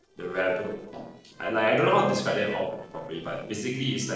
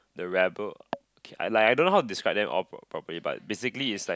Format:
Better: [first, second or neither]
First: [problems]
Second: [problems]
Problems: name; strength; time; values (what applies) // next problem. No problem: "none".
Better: second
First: noise reduction (neural separator model SepFormer DNS4)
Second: none